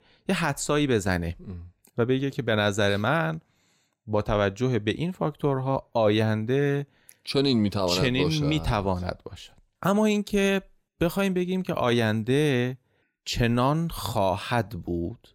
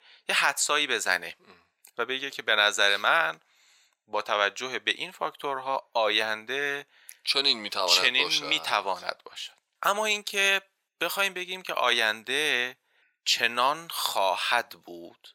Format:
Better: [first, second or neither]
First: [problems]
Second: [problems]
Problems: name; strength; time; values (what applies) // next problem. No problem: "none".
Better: first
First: none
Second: thin; very; fading below 900 Hz